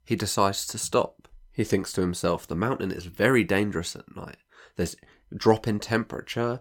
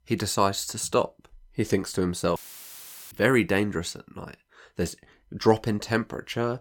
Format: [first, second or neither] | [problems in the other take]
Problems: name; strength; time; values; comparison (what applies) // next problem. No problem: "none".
first | audio cutting out; filled with static; at 2.5 s for 1 s